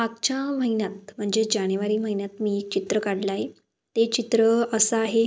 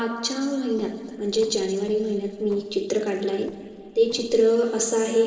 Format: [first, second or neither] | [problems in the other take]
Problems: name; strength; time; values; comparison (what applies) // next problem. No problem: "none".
first | noise reduction (neural separator model SepFormer DNS4)